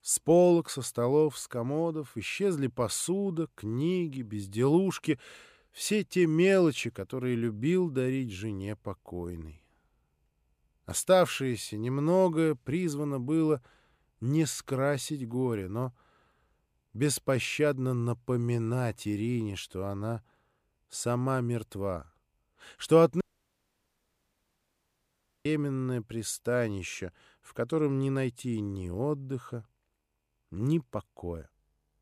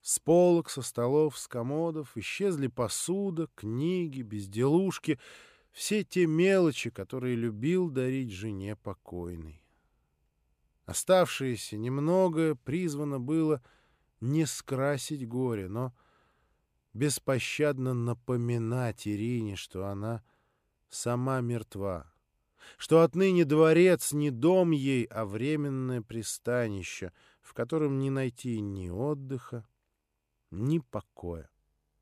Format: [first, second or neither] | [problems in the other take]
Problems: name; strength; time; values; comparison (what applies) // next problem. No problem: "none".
second | audio cutting out; at 23 s for 2 s